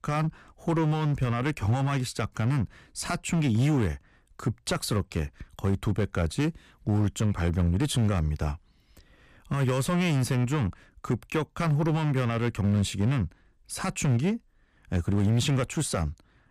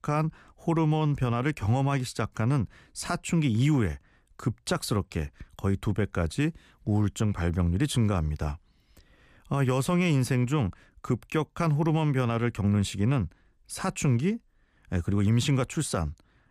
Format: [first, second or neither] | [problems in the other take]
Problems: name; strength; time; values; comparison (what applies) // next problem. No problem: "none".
second | distortion; slight; 8% of the sound clipped